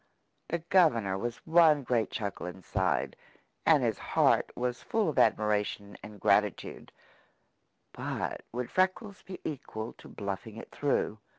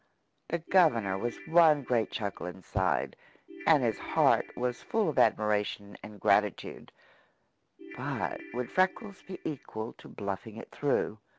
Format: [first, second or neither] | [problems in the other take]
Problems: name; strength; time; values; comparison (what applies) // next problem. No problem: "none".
first | background sound (Ringtone / Keyboard (musical)); 18 dB below the speech